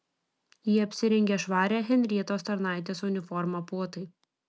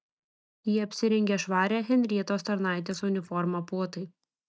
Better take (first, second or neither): first